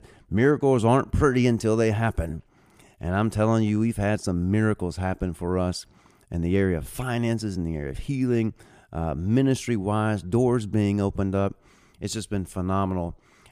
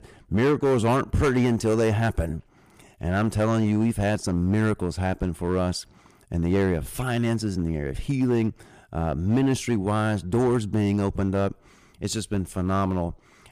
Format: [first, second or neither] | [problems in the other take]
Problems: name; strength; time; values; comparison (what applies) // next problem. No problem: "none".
first | distortion; slight; 7% of the sound clipped